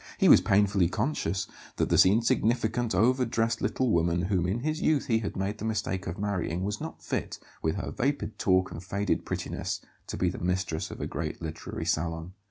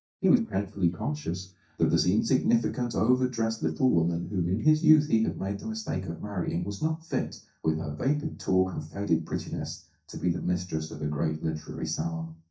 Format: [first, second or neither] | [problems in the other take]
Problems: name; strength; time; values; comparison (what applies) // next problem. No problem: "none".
first | noise reduction (neural mask model DeepFilterNet 3)